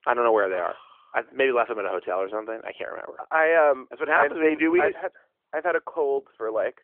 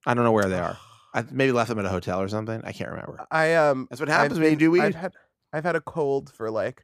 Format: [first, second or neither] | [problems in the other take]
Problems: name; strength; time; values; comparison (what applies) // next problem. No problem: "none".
second | phone-call audio